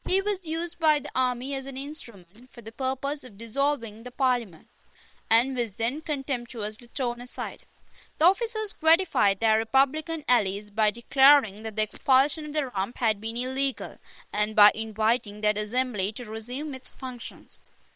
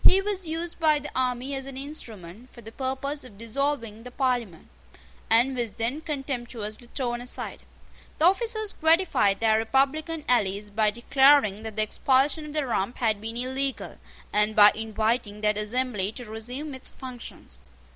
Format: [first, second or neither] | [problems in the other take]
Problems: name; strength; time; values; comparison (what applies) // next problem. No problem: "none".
second | noise reduction (neural separator model SepFormer WHAM!)